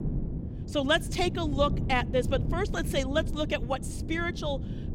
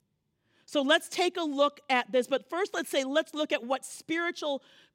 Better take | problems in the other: second | wind noise on the microphone; occasional gusts; 15 dB below the speech

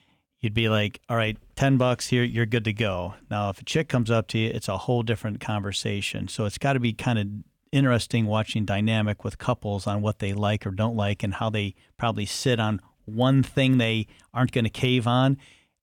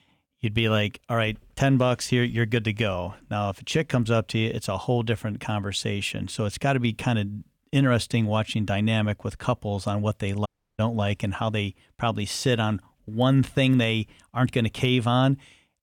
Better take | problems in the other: first | audio cutting out; at 10 s

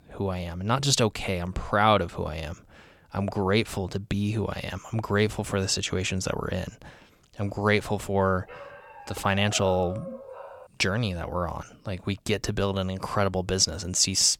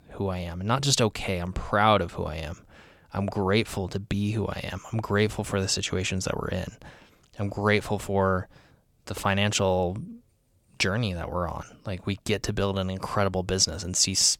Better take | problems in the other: second | dog barking; faint; from 8.5 to 11 s; peak 15 dB below the speech

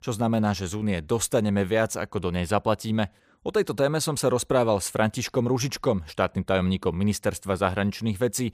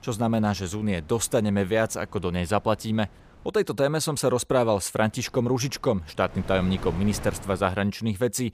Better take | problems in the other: first | wind noise on the microphone; occasional gusts; until 3.5 s and from 5 to 7.5 s; 20 dB below the speech

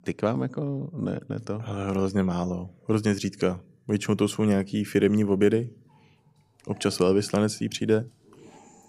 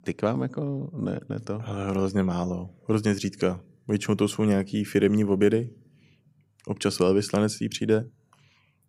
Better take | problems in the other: second | animal sounds; faint; from 6.5 s on; 25 dB below the speech

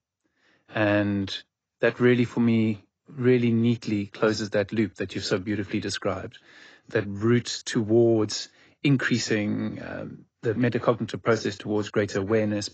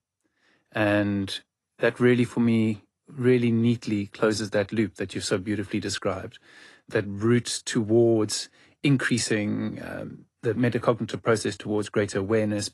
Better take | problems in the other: second | garbled, watery; badly; nothing above 7.5 kHz; slightly in the second

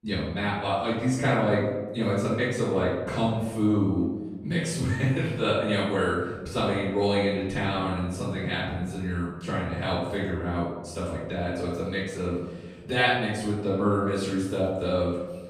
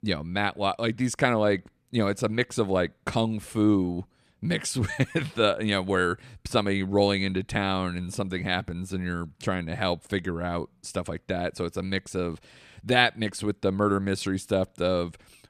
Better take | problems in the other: second | off-mic speech; far // room echo; noticeable; dies away in 1.1 s

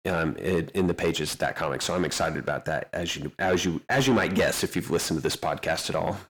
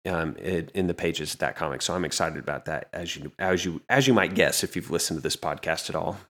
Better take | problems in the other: second | distortion; heavy; 7 dB below the speech

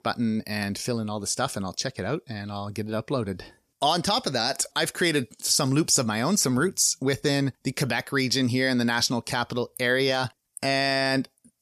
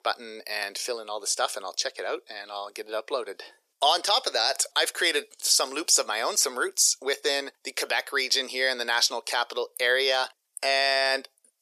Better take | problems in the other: first | thin; very; fading below 400 Hz

